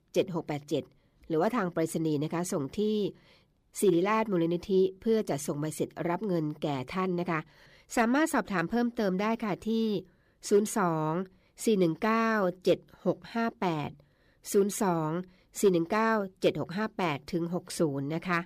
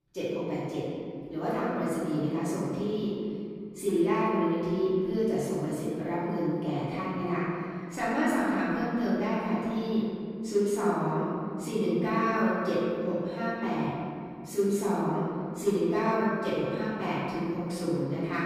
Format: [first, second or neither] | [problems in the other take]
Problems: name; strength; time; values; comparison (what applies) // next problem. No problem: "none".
first | off-mic speech; far // room echo; strong; dies away in 2.3 s